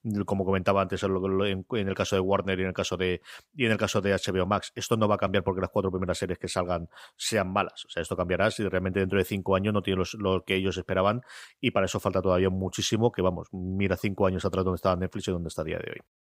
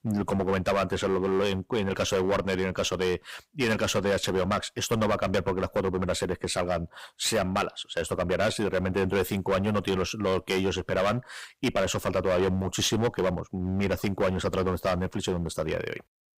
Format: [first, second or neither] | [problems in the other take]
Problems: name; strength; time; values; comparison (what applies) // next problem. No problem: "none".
first | distortion; heavy; 11% of the sound clipped